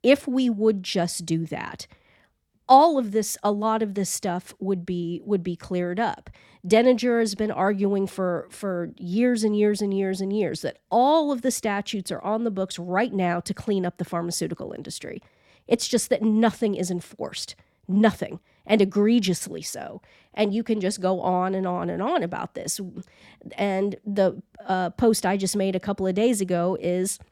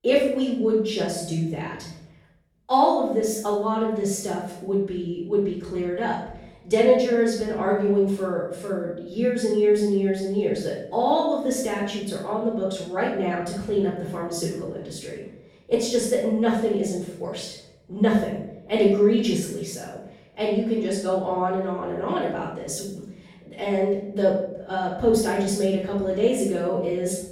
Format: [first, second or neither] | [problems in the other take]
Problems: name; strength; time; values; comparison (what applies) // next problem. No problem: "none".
first | room echo; noticeable; dies away in 0.7 s // off-mic speech; far